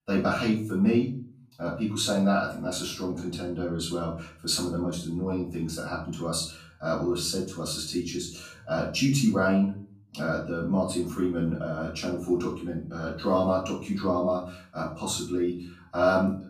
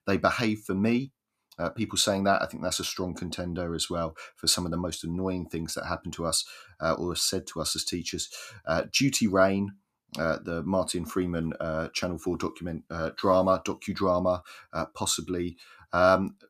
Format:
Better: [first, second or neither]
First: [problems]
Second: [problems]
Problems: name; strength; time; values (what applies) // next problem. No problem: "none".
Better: second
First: room echo; noticeable; dies away in 0.5 s // off-mic speech; far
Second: none